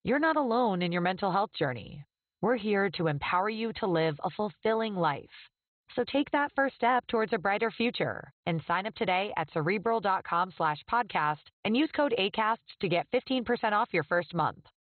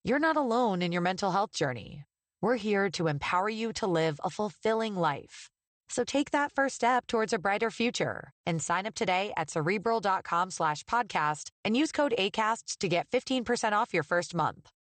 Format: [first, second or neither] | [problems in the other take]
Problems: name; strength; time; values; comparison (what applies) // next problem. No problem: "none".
second | garbled, watery; badly; nothing above 4 kHz; slightly in the second